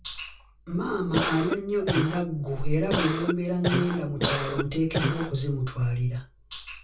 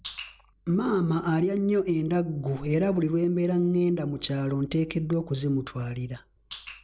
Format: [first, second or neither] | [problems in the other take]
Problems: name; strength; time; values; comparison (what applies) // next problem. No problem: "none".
second | background sound (Cough); 2 dB below the speech // room echo; dies away in 0.2 s